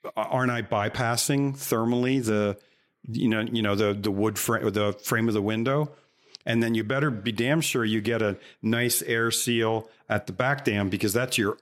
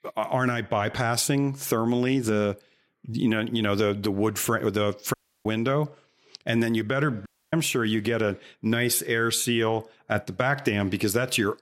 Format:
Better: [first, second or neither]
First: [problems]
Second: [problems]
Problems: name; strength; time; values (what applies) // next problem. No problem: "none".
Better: first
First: none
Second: audio cutting out; at 5 s and at 7.5 s